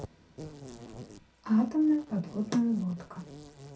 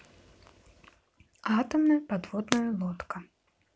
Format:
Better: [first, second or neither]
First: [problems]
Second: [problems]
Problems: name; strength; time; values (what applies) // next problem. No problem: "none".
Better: second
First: background sound (Insect); 16 dB below the speech // room echo; dies away in 0.3 s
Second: none